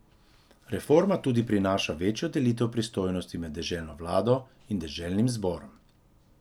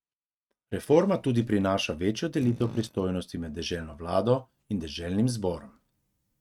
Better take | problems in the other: first | noise reduction (neural mask model RNNoise)

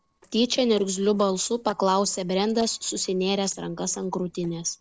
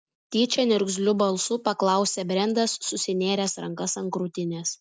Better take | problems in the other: second | noise reduction (neural separator model SepFormer DNS4)

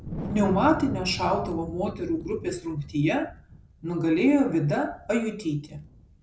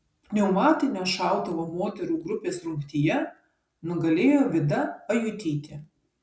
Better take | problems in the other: second | background sound (Wind); 12 dB below the speech

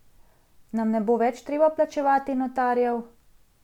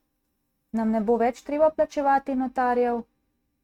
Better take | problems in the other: first | noise reduction (neural mask model RNNoise)

